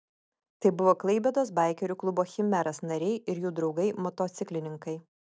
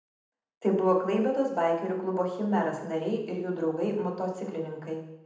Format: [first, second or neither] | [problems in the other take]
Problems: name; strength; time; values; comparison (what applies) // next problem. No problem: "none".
first | room echo; dies away in 0.8 s